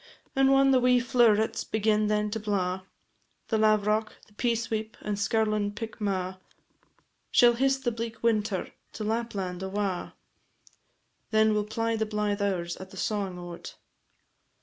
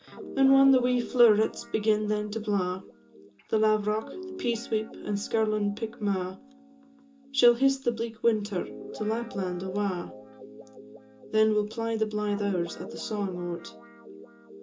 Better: first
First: none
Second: background sound (Guitar); 16 dB below the speech // room echo; dies away in 0.2 s

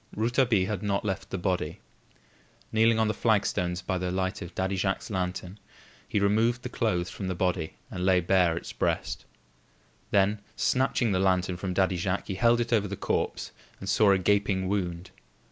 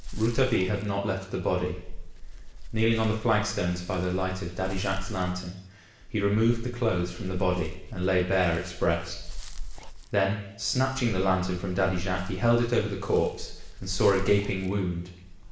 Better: first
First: none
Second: background sound (Dog); 8 dB below the speech // room echo; dies away in 0.8 s

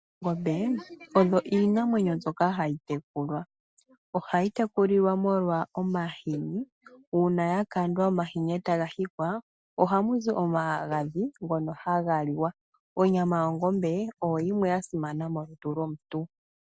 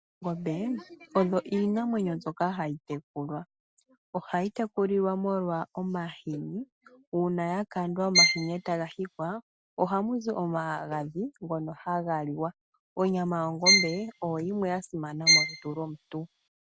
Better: first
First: none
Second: background sound (Bowed string instrument); 3 dB above the speech

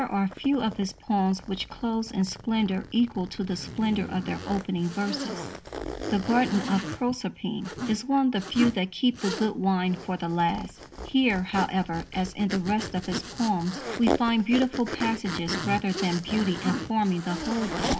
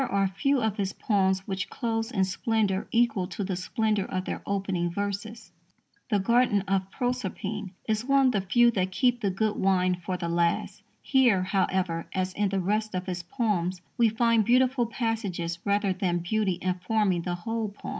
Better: second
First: background sound (Zipper (clothing)); 8 dB below the speech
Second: none

